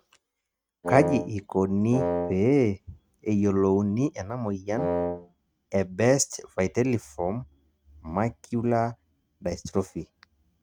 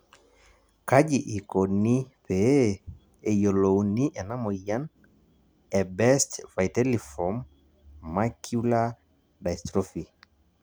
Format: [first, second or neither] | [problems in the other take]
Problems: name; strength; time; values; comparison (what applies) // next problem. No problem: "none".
second | noise reduction (neural mask model RNNoise)